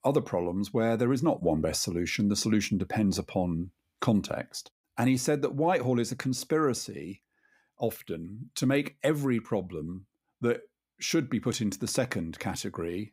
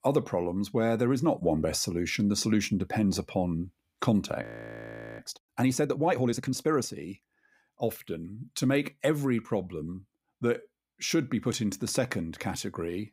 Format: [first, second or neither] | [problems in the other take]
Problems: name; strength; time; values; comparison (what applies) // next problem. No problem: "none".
first | audio freezing; at 4.5 s for 1 s